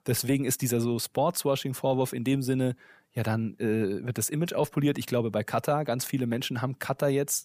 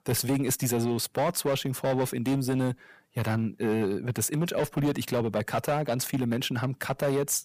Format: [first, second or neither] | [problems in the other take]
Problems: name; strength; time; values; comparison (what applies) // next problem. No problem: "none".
first | distortion; slight; 10% of the sound clipped